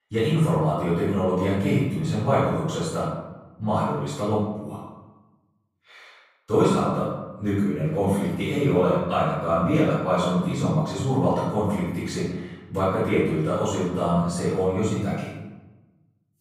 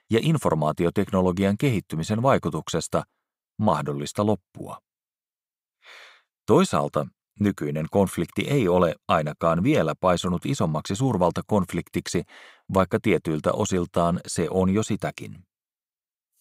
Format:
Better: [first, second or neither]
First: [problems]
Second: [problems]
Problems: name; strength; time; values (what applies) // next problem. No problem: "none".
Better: second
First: off-mic speech; far // room echo; strong; dies away in 0.9 s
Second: none